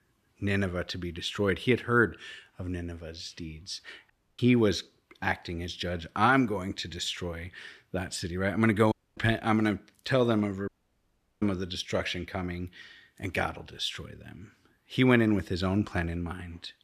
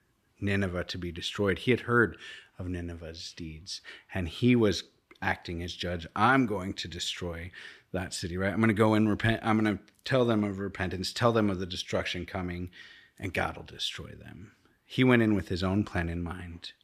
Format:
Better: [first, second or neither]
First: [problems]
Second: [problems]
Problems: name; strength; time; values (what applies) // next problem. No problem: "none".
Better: second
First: audio cutting out; at 4 s, at 9 s and at 11 s for 0.5 s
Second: none